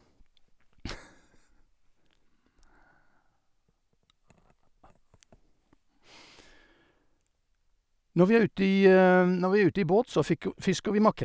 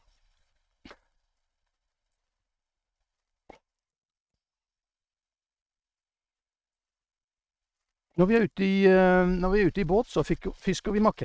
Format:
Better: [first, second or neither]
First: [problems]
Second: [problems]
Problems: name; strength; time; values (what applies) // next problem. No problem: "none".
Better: first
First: none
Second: noise reduction (neural mask model RNNoise)